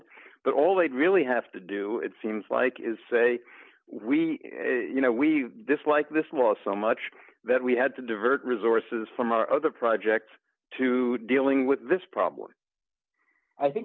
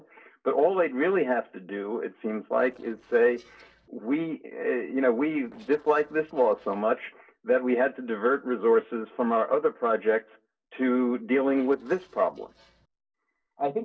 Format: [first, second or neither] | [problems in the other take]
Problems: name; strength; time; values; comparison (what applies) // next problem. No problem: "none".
first | noise reduction (neural separator model SepFormer DNS4)